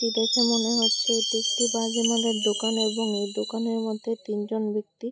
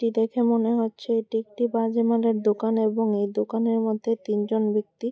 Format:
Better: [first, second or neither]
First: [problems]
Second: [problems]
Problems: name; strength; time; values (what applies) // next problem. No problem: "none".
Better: second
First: background sound (Chime); 2 dB below the speech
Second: none